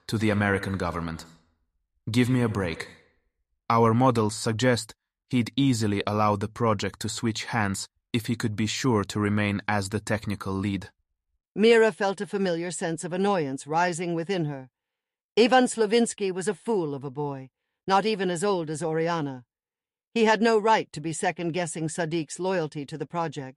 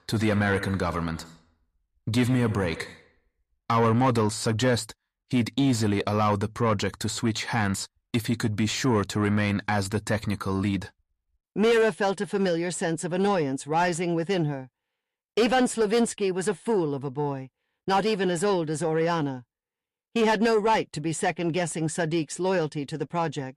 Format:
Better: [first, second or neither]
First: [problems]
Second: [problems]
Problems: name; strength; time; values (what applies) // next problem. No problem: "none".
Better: first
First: none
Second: distortion; slight; 10 dB below the speech